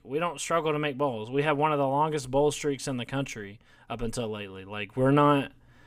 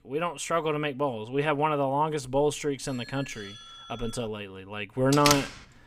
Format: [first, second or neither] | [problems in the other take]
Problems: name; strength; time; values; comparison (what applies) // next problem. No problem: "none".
first | doorbell; faint; from 3 to 4.5 s; peak 15 dB below the speech // door banging; loud; at 5 s; peak 2 dB above the speech